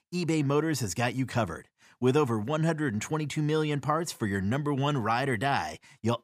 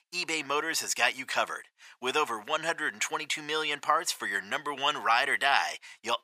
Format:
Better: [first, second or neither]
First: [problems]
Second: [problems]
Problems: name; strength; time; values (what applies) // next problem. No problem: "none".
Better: first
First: none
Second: thin; very; fading below 800 Hz